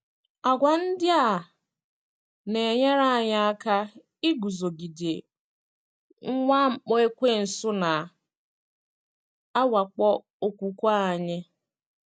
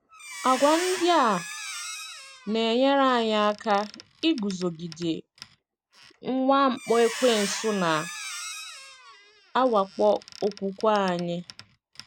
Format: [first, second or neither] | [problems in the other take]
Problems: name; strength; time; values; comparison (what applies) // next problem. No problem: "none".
first | background sound (Squeak); 14 dB below the speech